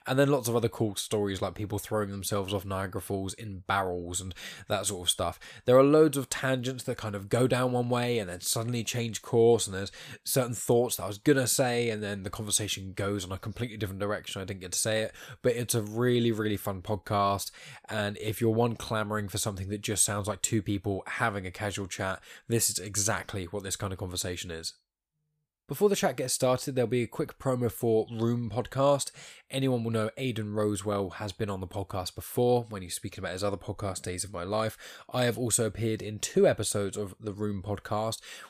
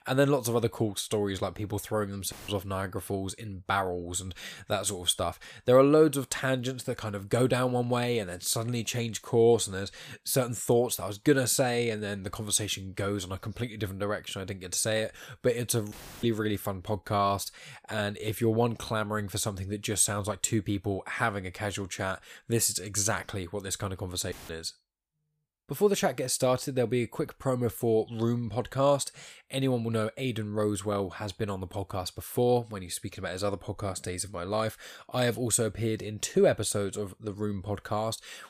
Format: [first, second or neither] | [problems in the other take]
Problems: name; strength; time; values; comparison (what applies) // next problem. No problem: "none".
first | audio cutting out; filled with static; at 2.5 s, at 16 s and at 24 s